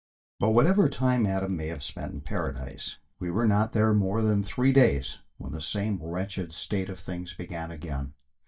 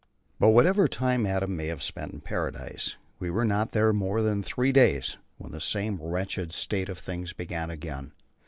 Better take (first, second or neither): second